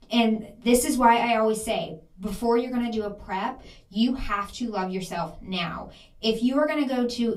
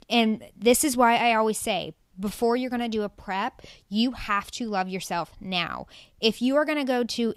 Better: second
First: off-mic speech; far // room echo; very slight; dies away in 0.2 s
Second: none

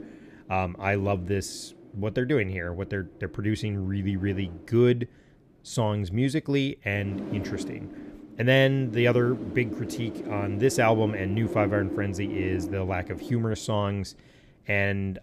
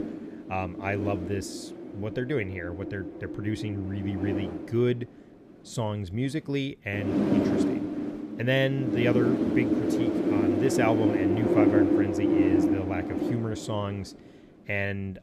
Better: first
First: wind noise on the microphone; occasional gusts; 10 dB below the speech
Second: wind noise on the microphone; heavy; 2 dB above the speech

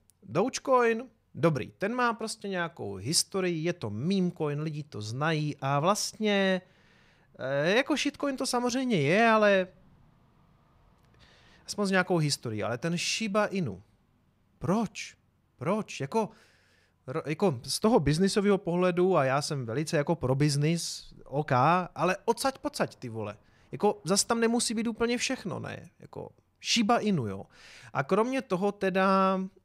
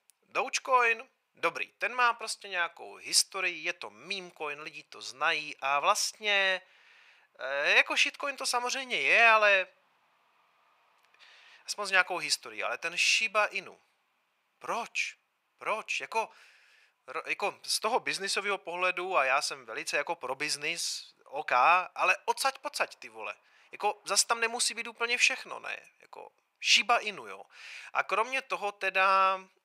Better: first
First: none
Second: thin; very; fading below 850 Hz

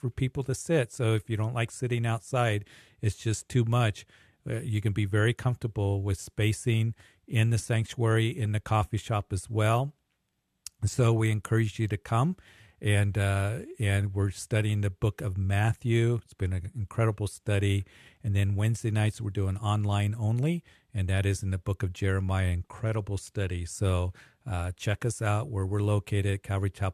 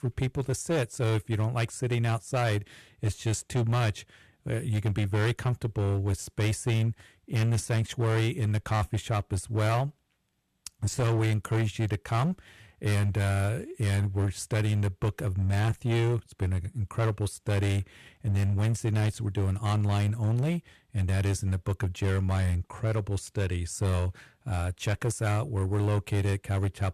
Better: first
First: none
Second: distortion; slight; 20% of the sound clipped

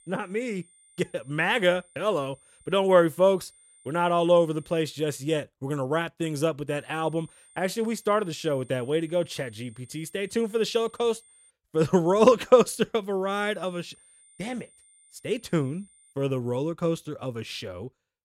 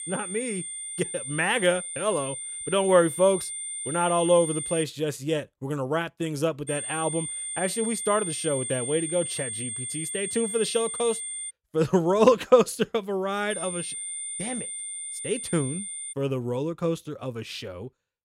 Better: first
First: high-pitched whine; faint; until 5 s, from 6.5 to 12 s and from 14 to 16 s; 8.5 kHz, 30 dB below the speech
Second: high-pitched whine; loud; until 5 s, from 6.5 to 12 s and from 14 to 16 s; 8.5 kHz, 5 dB below the speech

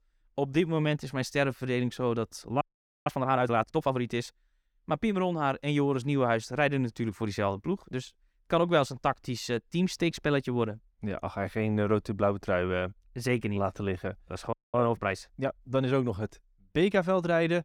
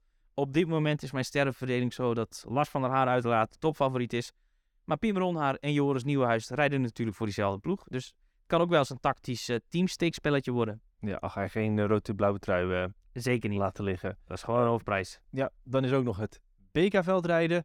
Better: second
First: audio freezing; at 2.5 s and at 15 s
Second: none

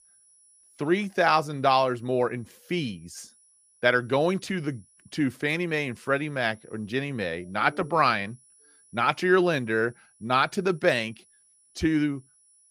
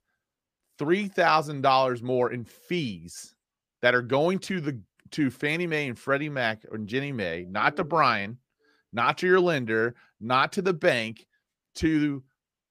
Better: second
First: high-pitched whine; faint; throughout; 10 kHz, 30 dB below the speech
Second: none

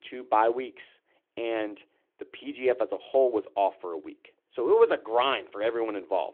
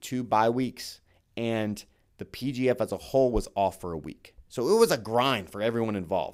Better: second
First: phone-call audio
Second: none

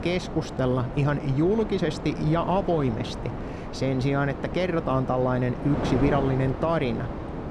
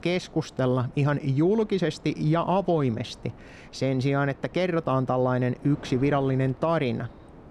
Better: second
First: wind noise on the microphone; heavy; 8 dB below the speech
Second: wind noise on the microphone; occasional gusts; 20 dB below the speech

